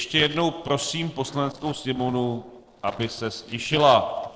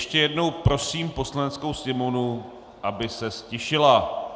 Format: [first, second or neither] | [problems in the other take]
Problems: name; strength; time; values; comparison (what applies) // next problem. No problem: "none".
second | noise reduction (neural separator model SepFormer DNS4)